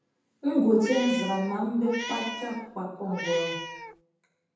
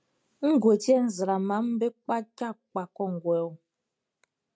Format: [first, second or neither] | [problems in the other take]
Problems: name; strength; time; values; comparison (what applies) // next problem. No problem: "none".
second | background sound (Meow); 9 dB below the speech // room echo; dies away in 0.8 s